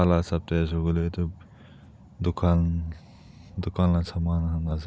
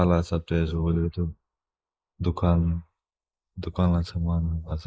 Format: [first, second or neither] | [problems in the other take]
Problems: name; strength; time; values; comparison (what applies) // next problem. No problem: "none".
first | noise reduction (neural mask model Resemble Enhance denoiser)